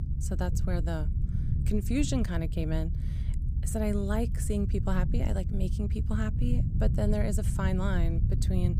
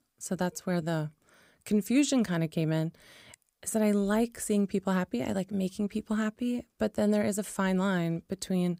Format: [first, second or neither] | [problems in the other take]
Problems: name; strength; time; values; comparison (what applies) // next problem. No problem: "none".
second | low rumble; loud; throughout; 9 dB below the speech